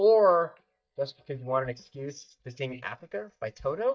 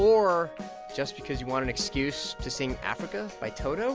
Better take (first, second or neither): second